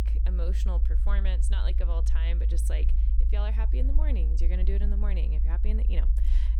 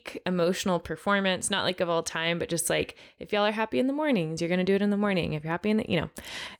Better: second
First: low rumble; loud; throughout; 6 dB below the speech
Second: none

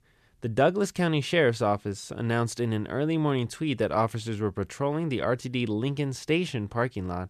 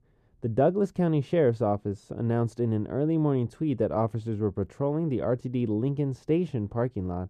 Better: first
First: none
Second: muffled; slightly; fading above 1 kHz

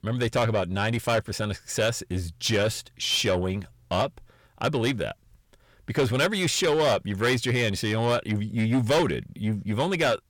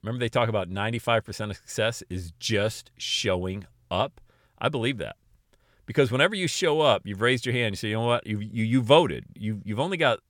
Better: second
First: distortion; heavy; 7 dB below the speech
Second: none

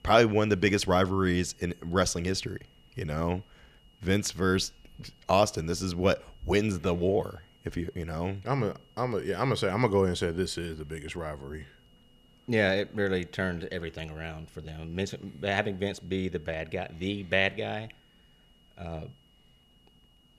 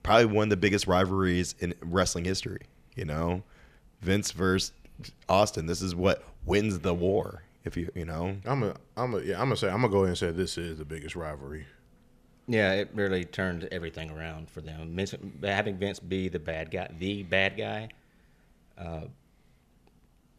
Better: second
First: high-pitched whine; faint; throughout; 3 kHz, 35 dB below the speech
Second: none

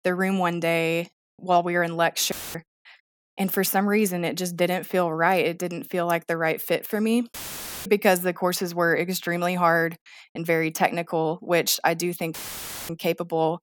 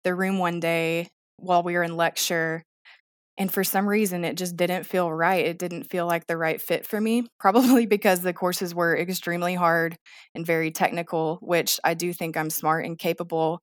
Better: second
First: audio cutting out; filled with static; at 2.5 s, at 7.5 s for 0.5 s and at 12 s for 0.5 s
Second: none

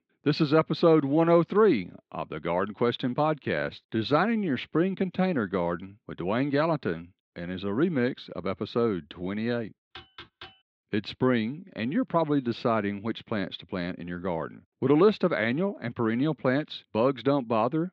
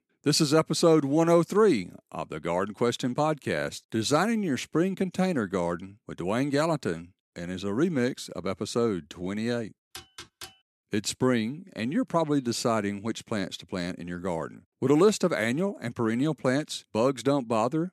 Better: second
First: muffled; slightly; fading above 3.5 kHz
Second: none

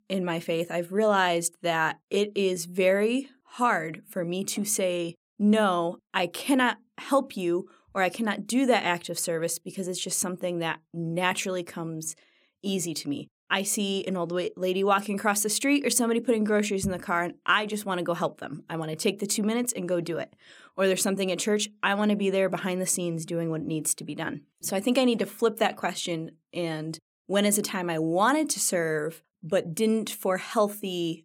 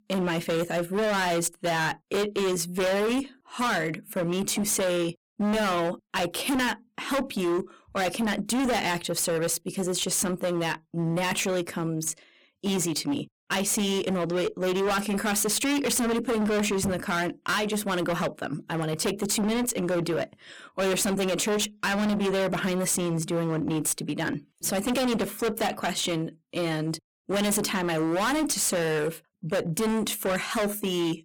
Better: first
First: none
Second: distortion; heavy; 26% of the sound clipped

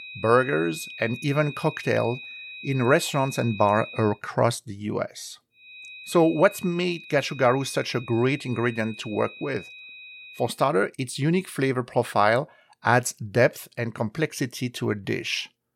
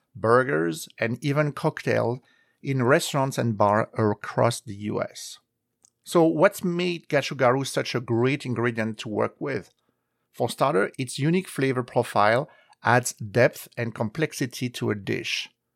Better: second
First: high-pitched whine; noticeable; until 4 s and from 5.5 to 10 s; 2.5 kHz, 15 dB below the speech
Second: none

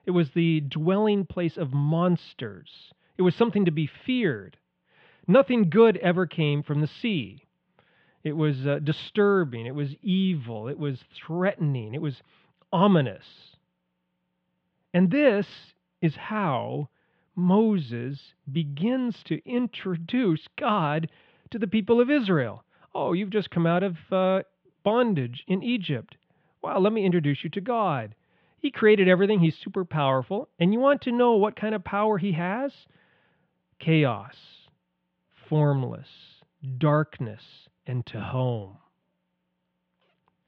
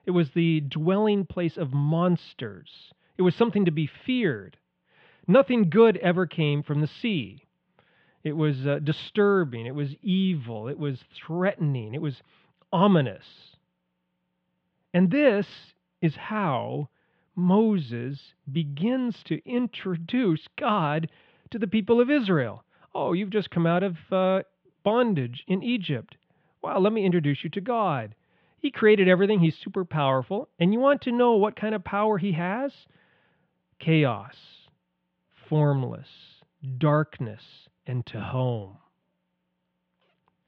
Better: neither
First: muffled; very; fading above 3 kHz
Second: muffled; very; fading above 3 kHz

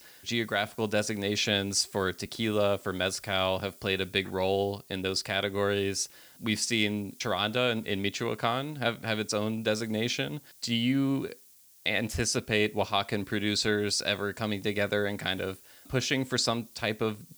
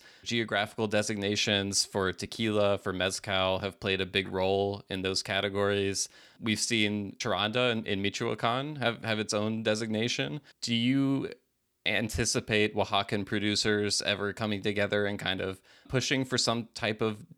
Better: second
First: hiss; faint; throughout; 25 dB below the speech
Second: none

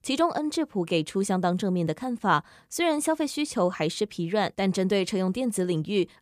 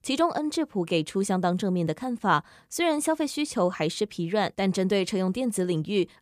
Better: neither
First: none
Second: none

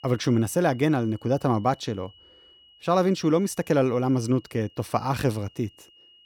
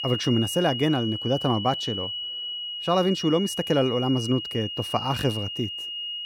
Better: first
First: high-pitched whine; faint; throughout; 3 kHz, 30 dB below the speech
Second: high-pitched whine; loud; throughout; 3 kHz, 5 dB below the speech

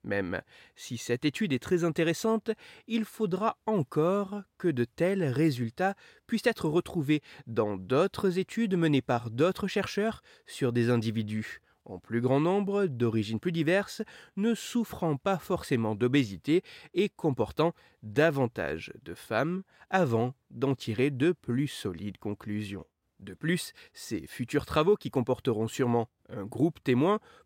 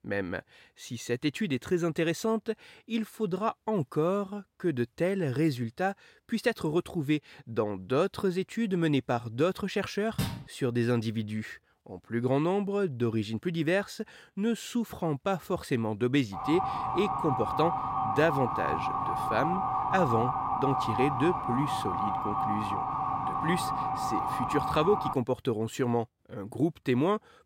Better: first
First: none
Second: door banging; noticeable; at 10 s; peak 4 dB below the speech // siren; loud; from 16 to 25 s; peak 1 dB above the speech

